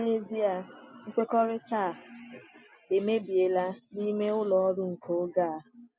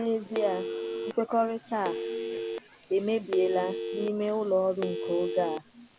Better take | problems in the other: first | background sound (Telephone); 6 dB below the speech

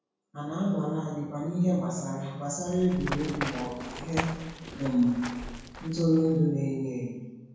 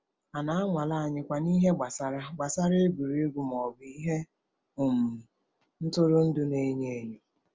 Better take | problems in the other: second | background sound (Run); 9 dB below the speech // room echo; dies away in 1 s

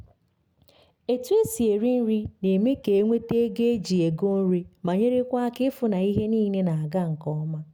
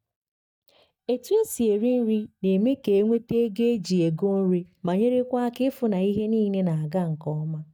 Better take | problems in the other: first | noise reduction (neural mask model DeepFilterNet 3)

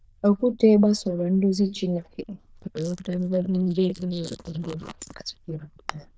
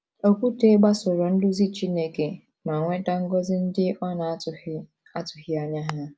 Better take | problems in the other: second | noise reduction (neural diffusion model UNIVERSE++)

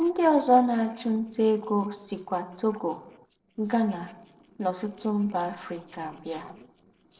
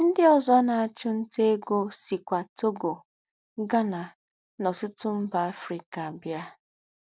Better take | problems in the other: second | noise reduction (neural separator model SepFormer DNS4)

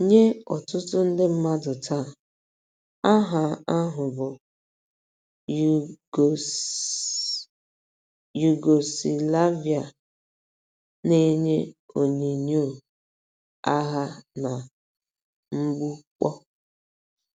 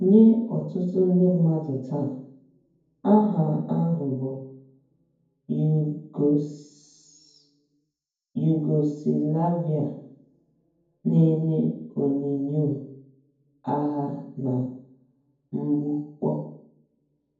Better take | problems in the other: first | room echo; dies away in 0.9 s

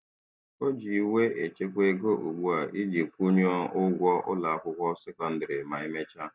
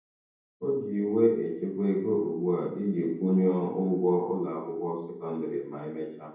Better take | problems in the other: first | room echo; dies away in 0.9 s

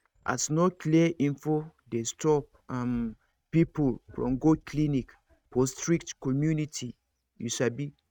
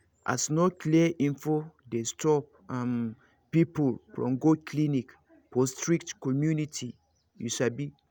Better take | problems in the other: second | noise reduction (neural mask model RNNoise)

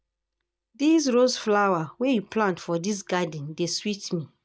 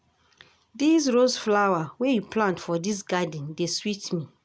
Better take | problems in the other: second | noise reduction (neural mask model DeepFilterNet 3)

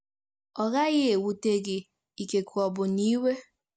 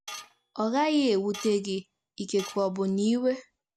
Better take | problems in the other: first | background sound (Tools); 17 dB below the speech

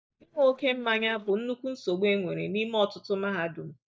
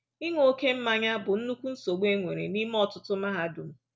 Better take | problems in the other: second | noise reduction (neural mask model DeepFilterNet 3)

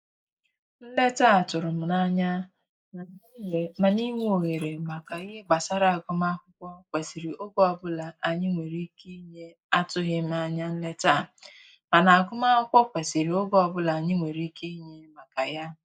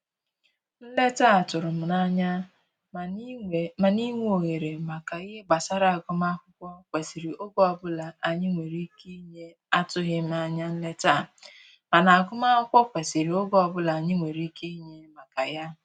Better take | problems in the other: second | noise reduction (neural mask model Resemble Enhance denoiser)

